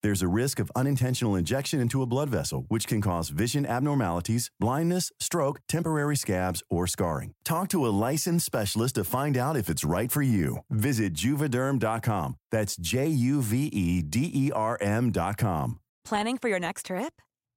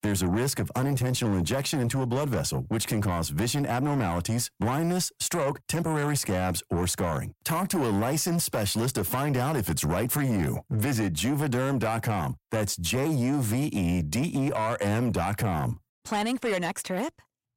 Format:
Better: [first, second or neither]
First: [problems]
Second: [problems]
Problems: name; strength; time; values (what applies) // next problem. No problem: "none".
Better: first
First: none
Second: distortion; slight; 10 dB below the speech